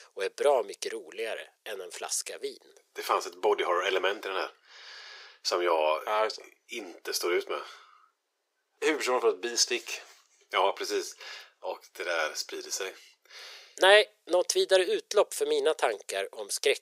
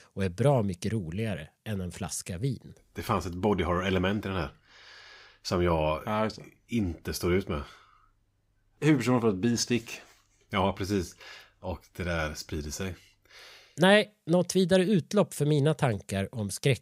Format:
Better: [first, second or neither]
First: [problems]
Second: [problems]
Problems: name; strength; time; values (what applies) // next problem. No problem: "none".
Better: second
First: thin; very; fading below 400 Hz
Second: none